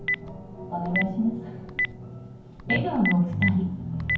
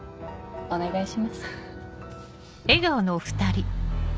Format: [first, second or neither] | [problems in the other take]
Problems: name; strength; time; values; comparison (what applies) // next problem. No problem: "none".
second | background sound (Telephone); 5 dB below the speech // room echo; dies away in 0.9 s